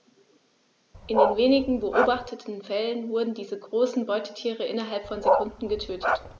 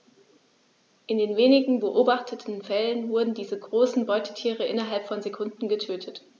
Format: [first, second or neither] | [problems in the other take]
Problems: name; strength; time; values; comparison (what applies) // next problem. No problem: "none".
second | background sound (Bark); 1 dB above the speech